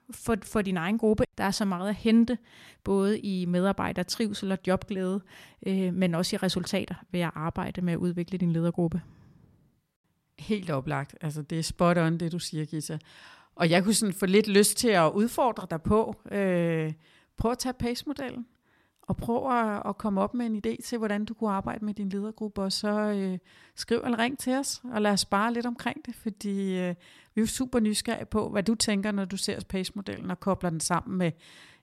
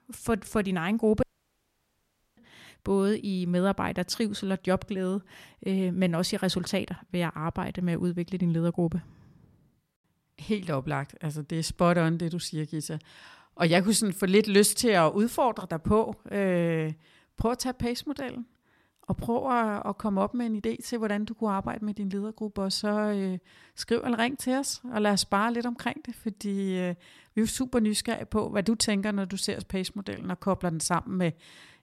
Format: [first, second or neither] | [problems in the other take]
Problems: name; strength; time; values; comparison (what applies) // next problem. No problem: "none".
first | audio cutting out; at 1 s for 1 s